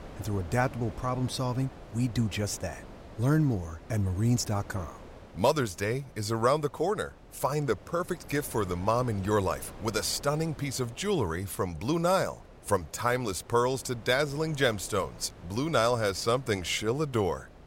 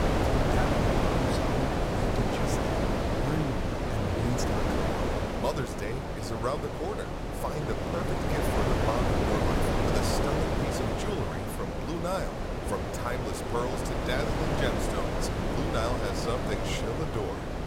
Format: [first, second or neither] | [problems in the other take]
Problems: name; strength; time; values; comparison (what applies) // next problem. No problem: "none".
first | wind noise on the microphone; heavy; 4 dB above the speech; occasional gusts in the first